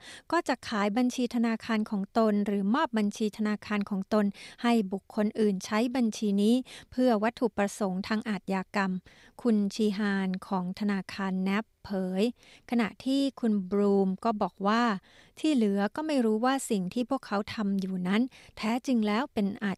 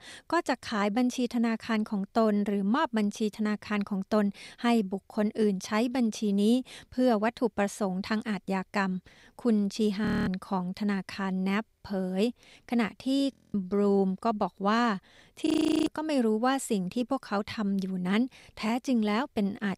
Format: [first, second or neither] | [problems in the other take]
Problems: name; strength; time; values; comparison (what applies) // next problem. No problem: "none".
first | audio freezing; at 10 s, at 13 s and at 15 s